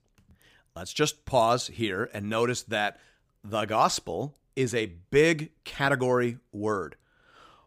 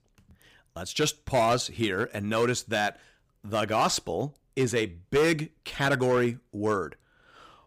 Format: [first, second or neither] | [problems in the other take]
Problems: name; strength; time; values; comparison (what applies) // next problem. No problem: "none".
first | distortion; slight; 4% of the sound clipped